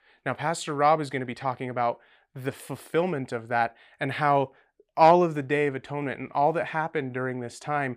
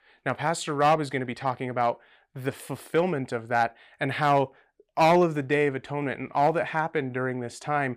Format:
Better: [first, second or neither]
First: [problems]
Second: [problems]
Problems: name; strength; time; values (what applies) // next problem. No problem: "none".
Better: first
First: none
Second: distortion; slight; 1.6% of the sound clipped